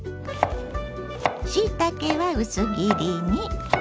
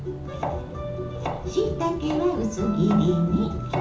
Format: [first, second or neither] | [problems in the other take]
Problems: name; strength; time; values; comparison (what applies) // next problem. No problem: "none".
first | background sound (Vehicle horn, car horn, honking); 16 dB below the speech // room echo; dies away in 0.7 s